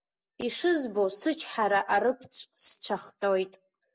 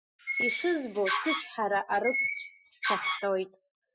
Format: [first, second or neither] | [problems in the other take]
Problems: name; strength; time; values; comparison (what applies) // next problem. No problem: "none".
first | noise reduction (classical method Wiener filter)